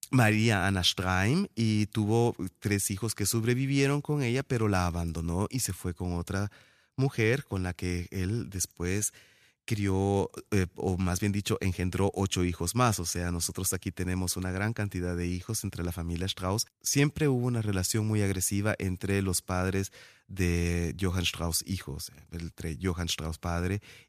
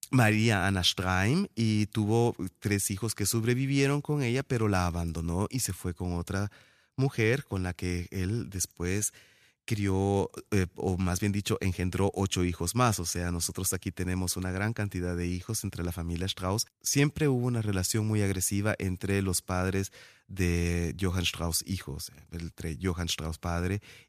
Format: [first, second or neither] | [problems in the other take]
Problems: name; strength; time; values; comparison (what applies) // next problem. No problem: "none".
neither | none